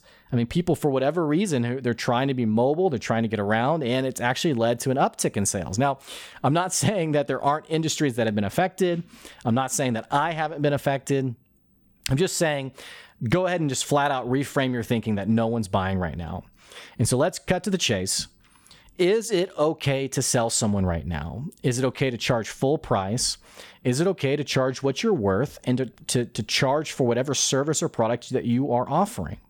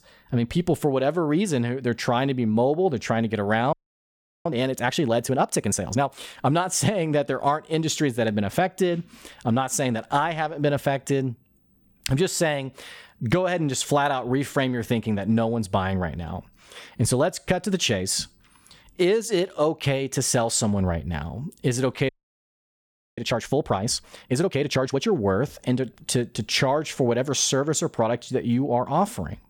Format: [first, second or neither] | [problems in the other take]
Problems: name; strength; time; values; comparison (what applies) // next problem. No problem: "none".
first | audio freezing; at 3.5 s for 0.5 s and at 22 s for 1 s